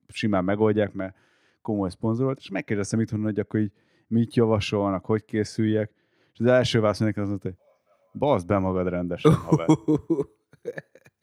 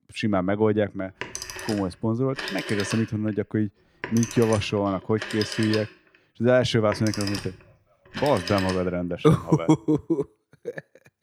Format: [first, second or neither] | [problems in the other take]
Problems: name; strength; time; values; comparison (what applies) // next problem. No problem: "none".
first | phone ringing; noticeable; from 1 to 9 s; peak 5 dB below the speech